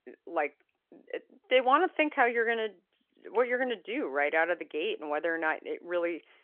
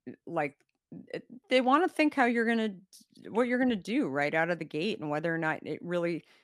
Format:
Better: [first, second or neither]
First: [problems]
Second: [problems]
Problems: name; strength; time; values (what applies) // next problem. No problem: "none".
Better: second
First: phone-call audio; nothing above 3 kHz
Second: none